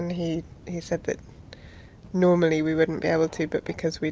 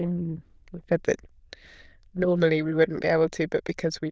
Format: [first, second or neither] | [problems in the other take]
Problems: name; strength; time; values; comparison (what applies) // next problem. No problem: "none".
first | noise reduction (neural diffusion model UNIVERSE++)